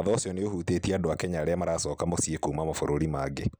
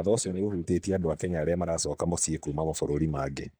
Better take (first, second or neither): first